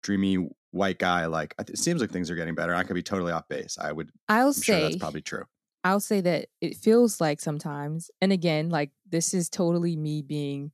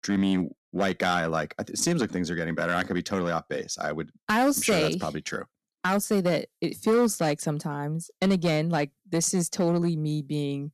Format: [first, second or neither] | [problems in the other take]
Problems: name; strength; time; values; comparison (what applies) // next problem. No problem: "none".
first | distortion; slight; 5% of the sound clipped